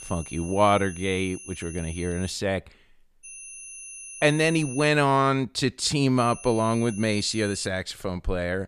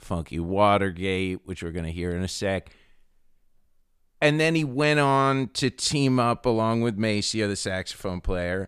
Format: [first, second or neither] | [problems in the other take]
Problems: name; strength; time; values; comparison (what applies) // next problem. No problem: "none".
second | high-pitched whine; noticeable; until 2.5 s, from 3 to 5 s and from 6 to 7.5 s; 10 kHz, 15 dB below the speech